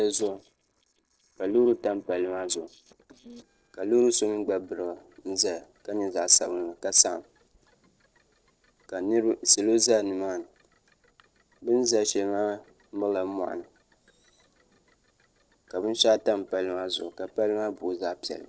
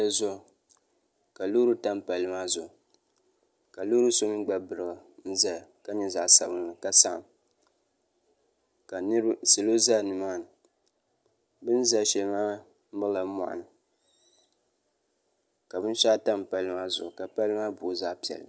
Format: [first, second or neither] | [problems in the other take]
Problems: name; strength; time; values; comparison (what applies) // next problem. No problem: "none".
second | noise reduction (neural separator model SepFormer DNS4)